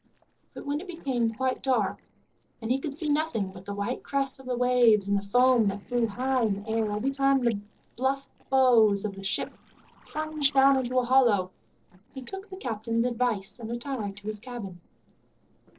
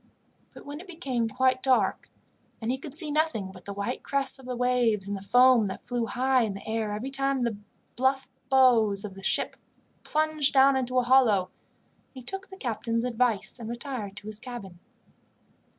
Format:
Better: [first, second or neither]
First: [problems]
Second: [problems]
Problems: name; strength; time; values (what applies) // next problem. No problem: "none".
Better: second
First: noise reduction (neural separator model SepFormer DNS4)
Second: none